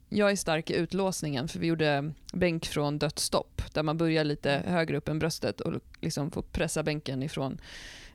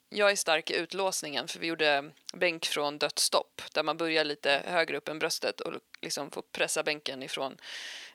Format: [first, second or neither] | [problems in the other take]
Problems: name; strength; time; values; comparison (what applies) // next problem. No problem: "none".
first | thin; very; fading below 500 Hz